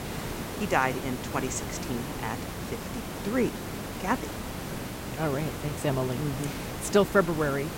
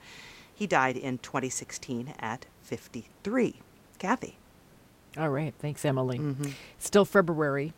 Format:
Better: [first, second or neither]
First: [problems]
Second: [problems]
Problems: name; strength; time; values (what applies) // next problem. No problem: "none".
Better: second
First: hiss; loud; throughout; 6 dB below the speech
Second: hiss; faint; throughout; 30 dB below the speech